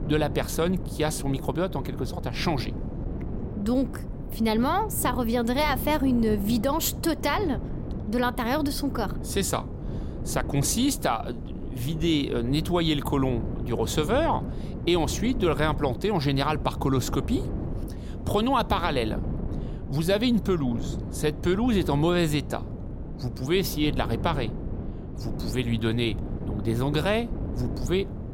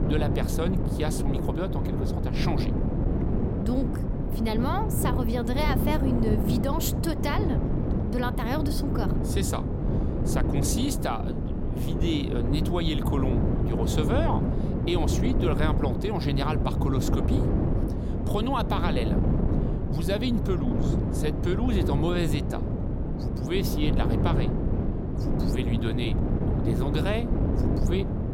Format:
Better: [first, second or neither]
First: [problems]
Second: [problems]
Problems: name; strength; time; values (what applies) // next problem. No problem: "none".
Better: first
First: wind noise on the microphone; occasional gusts; 15 dB below the speech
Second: wind noise on the microphone; heavy; 3 dB below the speech